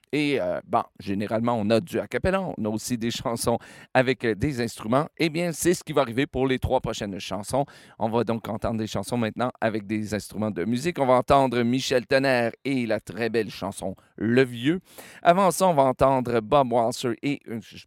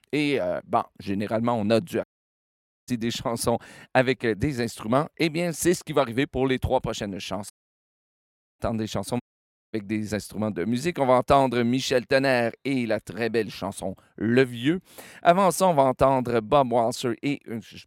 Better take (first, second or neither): first